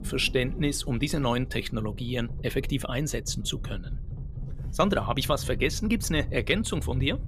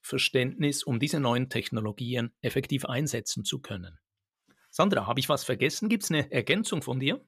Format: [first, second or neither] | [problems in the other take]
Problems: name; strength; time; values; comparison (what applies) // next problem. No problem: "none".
second | low rumble; faint; throughout; 20 dB below the speech